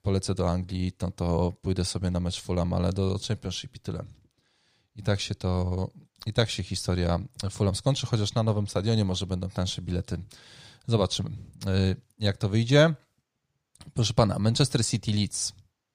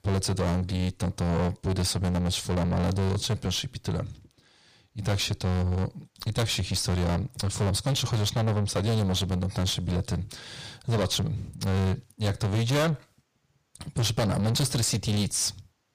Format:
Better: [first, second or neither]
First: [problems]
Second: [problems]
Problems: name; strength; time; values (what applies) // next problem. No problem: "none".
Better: first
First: none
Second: distortion; heavy; 5 dB below the speech